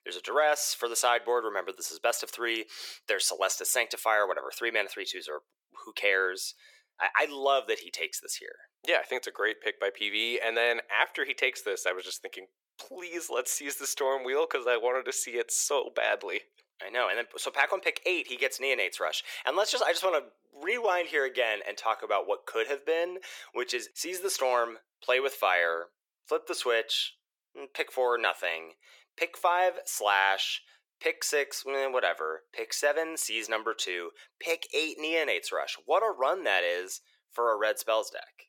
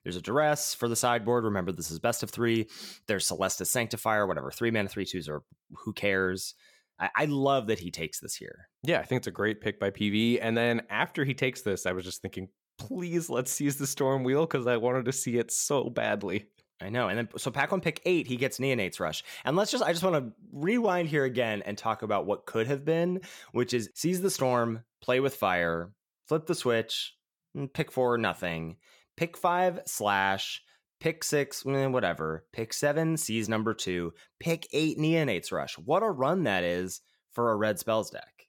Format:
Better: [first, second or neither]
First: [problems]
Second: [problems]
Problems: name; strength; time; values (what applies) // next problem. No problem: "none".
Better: second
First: thin; very; fading below 400 Hz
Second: none